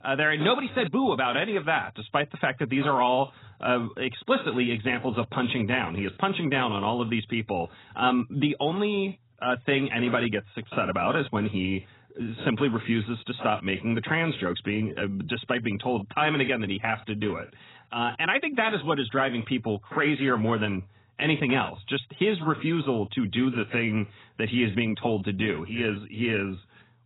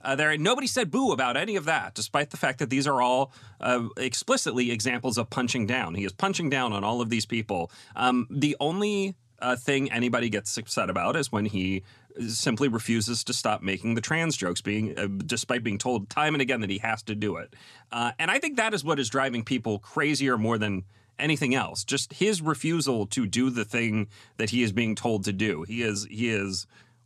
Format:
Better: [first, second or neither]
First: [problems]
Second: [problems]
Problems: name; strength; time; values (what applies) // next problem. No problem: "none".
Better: second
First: garbled, watery; badly; nothing above 4 kHz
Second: none